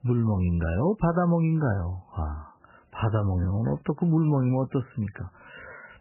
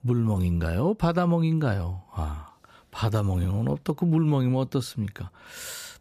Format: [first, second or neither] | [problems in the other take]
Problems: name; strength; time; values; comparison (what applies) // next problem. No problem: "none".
second | garbled, watery; badly; nothing above 3 kHz